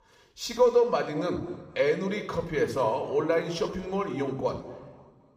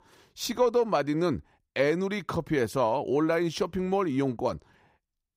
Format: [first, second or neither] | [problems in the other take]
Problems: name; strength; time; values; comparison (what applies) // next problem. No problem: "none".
second | room echo; slight; dies away in 1.6 s